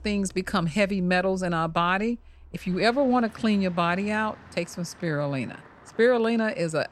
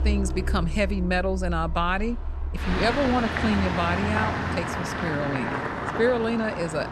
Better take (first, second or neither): first